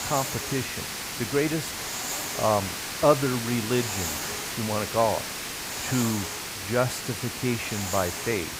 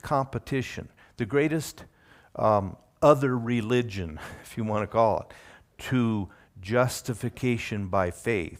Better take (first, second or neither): second